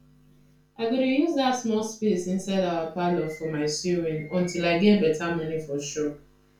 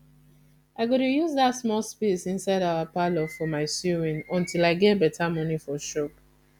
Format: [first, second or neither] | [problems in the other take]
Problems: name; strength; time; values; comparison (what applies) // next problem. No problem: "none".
second | room echo; dies away in 0.3 s